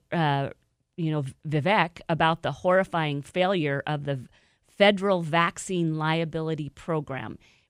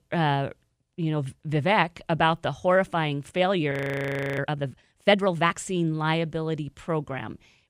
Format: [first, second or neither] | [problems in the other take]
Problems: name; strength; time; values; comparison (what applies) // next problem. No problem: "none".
first | audio freezing; at 3.5 s for 0.5 s